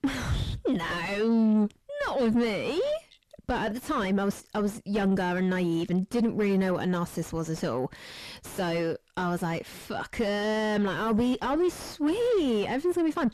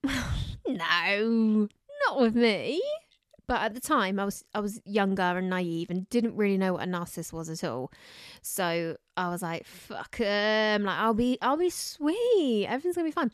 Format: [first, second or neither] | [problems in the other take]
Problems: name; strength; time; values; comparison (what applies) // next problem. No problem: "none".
second | distortion; heavy; 6 dB below the speech